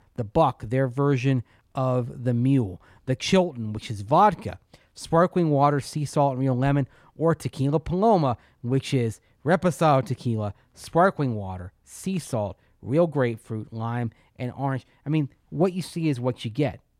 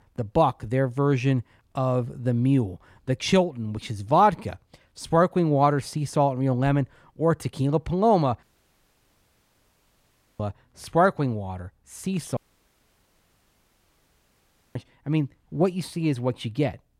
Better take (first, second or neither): first